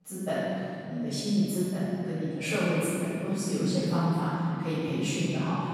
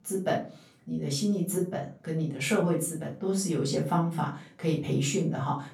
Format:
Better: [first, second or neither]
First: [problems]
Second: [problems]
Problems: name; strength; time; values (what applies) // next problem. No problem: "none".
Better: second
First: room echo; strong; dies away in 3 s // off-mic speech; far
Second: room echo; slight; dies away in 0.3 s // off-mic speech; far